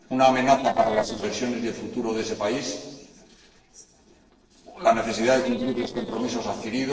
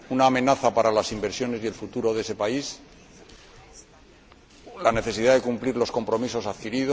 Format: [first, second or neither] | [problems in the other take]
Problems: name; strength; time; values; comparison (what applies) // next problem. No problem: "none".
second | noise reduction (neural separator model SepFormer DNS4)